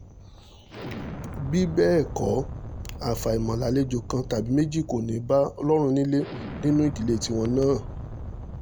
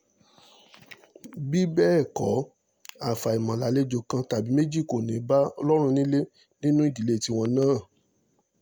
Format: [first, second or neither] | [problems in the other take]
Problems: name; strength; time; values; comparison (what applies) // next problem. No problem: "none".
second | background sound (Explosion); 11 dB below the speech